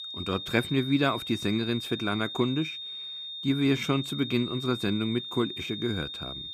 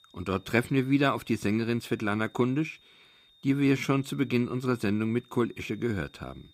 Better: second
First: high-pitched whine; loud; throughout; 3.5 kHz, 7 dB below the speech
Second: high-pitched whine; faint; throughout; 3.5 kHz, 30 dB below the speech

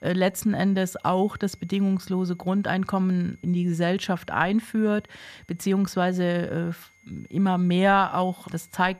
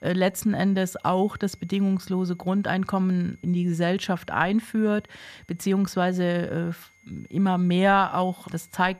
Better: neither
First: high-pitched whine; faint; throughout; 2 kHz, 35 dB below the speech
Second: high-pitched whine; faint; throughout; 2 kHz, 35 dB below the speech

